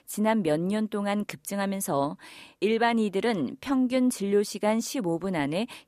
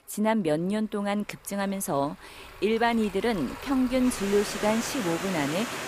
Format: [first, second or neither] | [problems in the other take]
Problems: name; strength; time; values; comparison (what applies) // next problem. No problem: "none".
first | rain or running water; loud; throughout; 9 dB below the speech